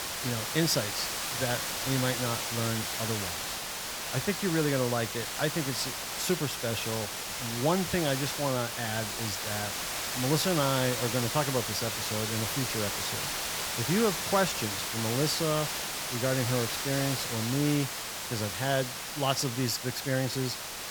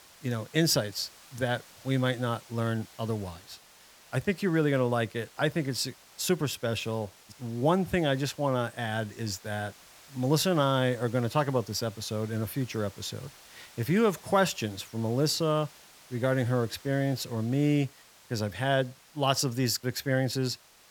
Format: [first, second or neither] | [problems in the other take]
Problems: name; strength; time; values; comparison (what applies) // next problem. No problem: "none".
second | hiss; loud; throughout; 1 dB below the speech; faint in the second